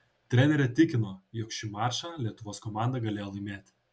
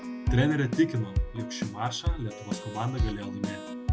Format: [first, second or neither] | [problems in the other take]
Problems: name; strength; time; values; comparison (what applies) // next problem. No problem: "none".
first | background sound (Keyboard (musical)); 2 dB below the speech